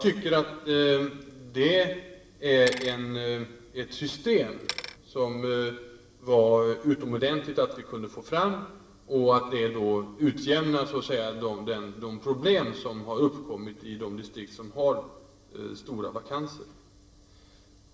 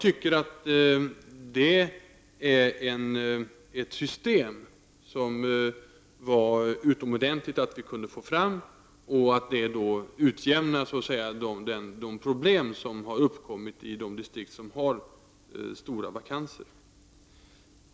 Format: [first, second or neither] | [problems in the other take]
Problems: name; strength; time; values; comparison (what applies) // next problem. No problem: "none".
second | background sound (Bicycle); 14 dB below the speech // room echo; dies away in 0.8 s